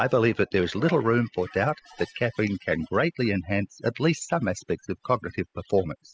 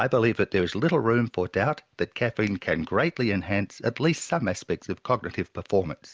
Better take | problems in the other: second | noise reduction (classical method spectral subtraction)

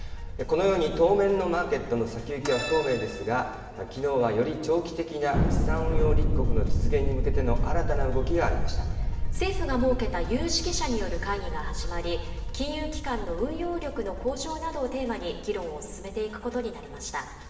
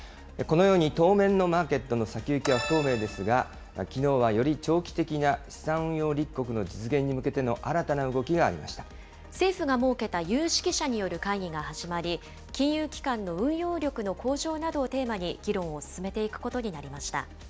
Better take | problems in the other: second | background sound (Thunder); as loud as the speech // room echo; dies away in 2 s

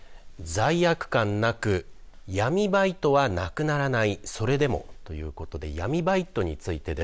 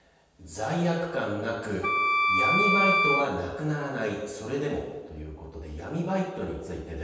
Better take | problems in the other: first | background sound (Wind instrument, woodwind instrument); 5 dB above the speech // room echo; dies away in 1.2 s

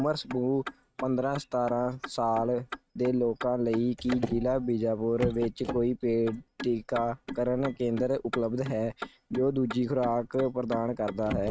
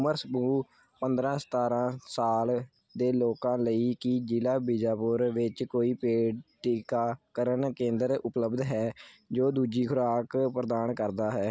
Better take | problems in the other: second | noise reduction (neural mask model RNNoise)

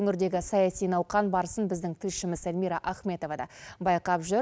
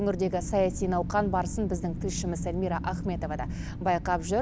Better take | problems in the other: first | background sound (Wind); 5 dB below the speech

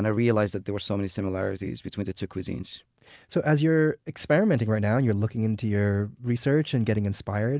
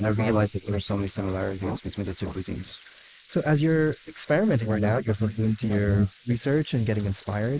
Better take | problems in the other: first | noise reduction (neural mask model Resemble Enhance denoiser)

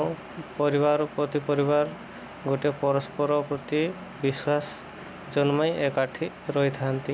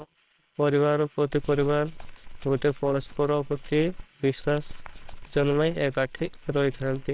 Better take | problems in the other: first | noise reduction (neural separator model SepFormer WHAMR!)

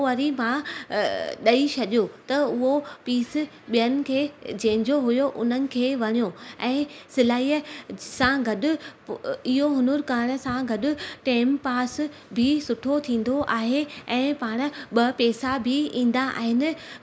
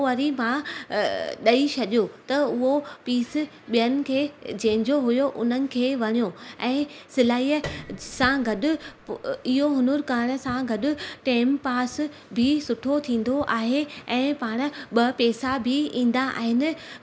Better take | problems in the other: first | background sound (Piano); 17 dB below the speech

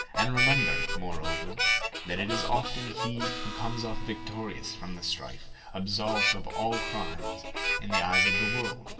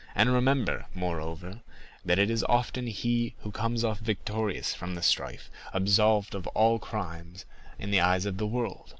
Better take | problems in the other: second | background sound (Harmonica); 1 dB above the speech // room echo; dies away in 1.8 s

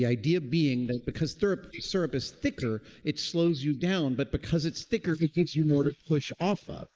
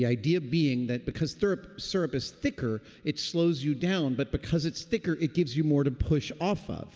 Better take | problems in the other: second | noise reduction (neural mask model Resemble Enhance denoiser)

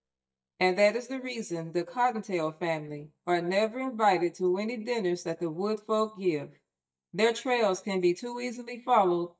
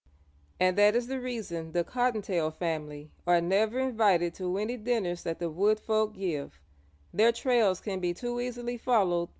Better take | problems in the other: second | noise reduction (neural mask model DeepFilterNet 3)

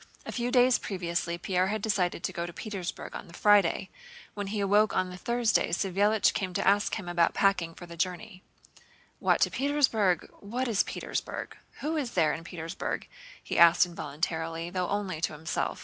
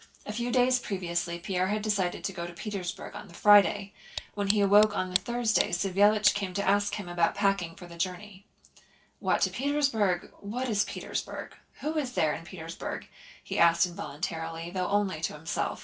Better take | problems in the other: first | noise reduction (neural separator model SepFormer DNS4)

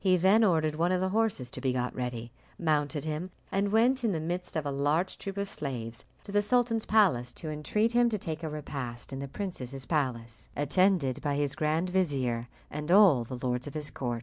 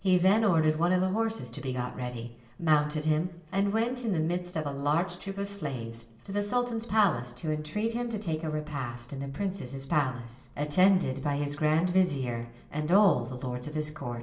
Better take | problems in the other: first | room echo; dies away in 0.8 s

